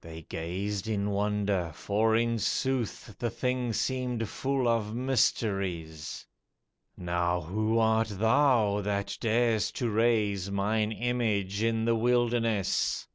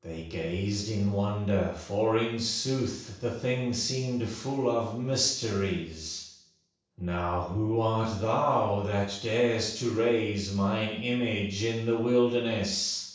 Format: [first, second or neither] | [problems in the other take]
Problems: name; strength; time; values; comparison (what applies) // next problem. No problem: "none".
first | room echo; dies away in 0.7 s